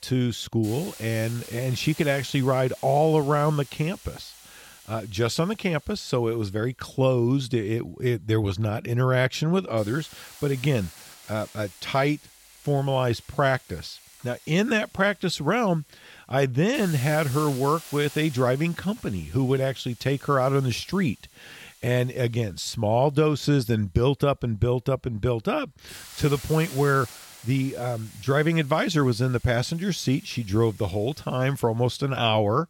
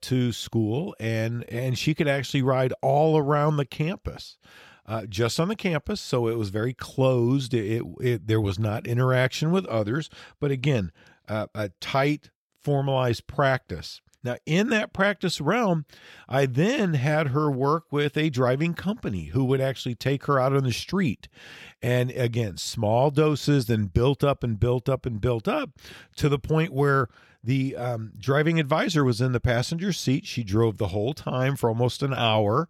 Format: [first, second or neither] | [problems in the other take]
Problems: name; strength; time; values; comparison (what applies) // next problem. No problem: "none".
second | hiss; noticeable; throughout; 20 dB below the speech